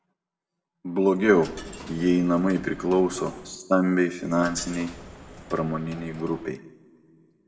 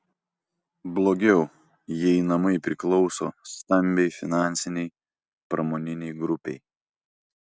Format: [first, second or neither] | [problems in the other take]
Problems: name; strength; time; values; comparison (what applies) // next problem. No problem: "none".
second | background sound (Coin (dropping)); 17 dB below the speech // room echo; dies away in 1.1 s